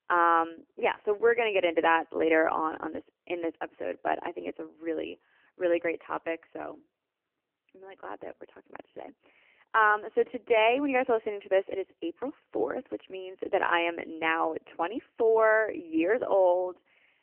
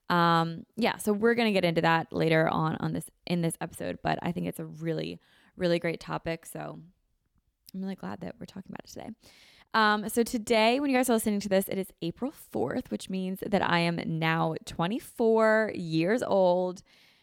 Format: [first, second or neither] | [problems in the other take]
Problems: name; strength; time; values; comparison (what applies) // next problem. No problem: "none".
second | phone-call audio; poor line; nothing above 3 kHz